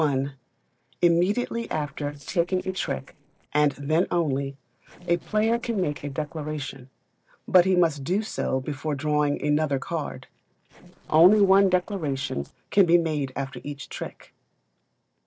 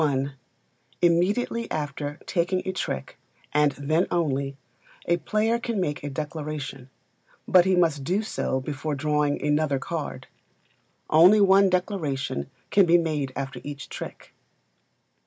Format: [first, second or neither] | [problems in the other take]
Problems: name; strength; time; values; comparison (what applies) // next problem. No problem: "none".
second | noise reduction (neural separator model SepFormer DNS4)